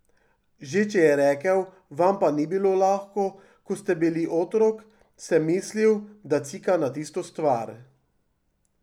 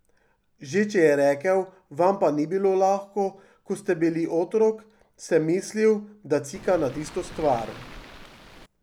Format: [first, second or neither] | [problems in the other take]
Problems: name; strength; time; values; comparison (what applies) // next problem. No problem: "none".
first | background sound (Waves, surf); 17 dB below the speech